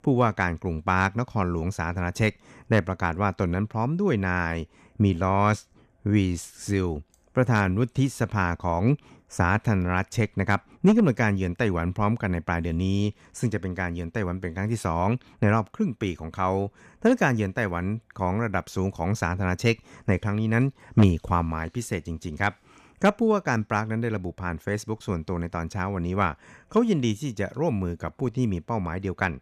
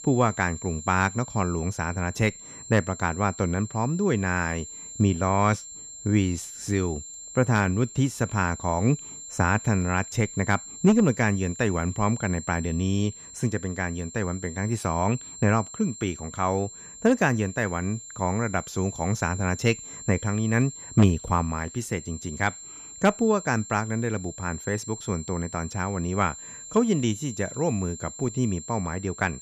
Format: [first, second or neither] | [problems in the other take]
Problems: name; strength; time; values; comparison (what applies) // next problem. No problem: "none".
first | high-pitched whine; noticeable; throughout; 7.5 kHz, 15 dB below the speech